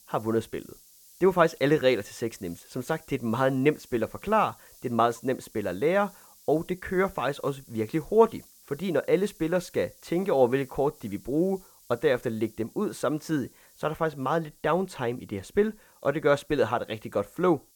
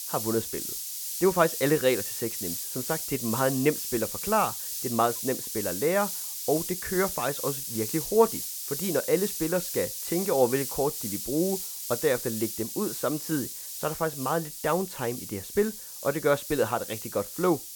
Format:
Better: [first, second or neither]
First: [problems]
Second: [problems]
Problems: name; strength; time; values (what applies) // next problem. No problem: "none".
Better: first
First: hiss; faint; throughout; 25 dB below the speech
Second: hiss; loud; throughout; 4 dB below the speech